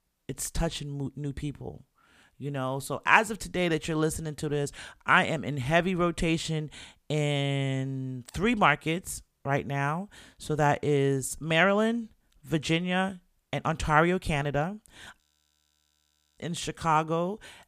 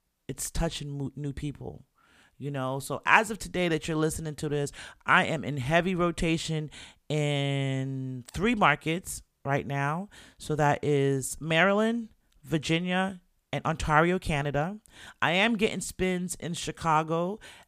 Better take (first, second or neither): second